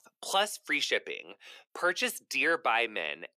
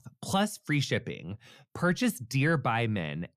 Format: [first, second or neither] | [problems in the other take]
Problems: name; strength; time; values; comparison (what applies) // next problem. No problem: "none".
second | thin; very; fading below 400 Hz